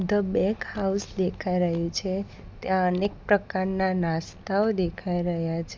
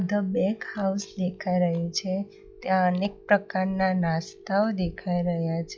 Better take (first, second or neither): first